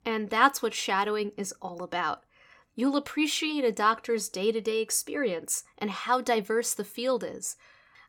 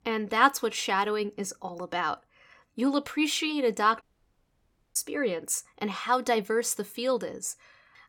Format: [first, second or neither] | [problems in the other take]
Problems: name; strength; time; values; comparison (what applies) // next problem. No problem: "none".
first | audio cutting out; at 4 s for 1 s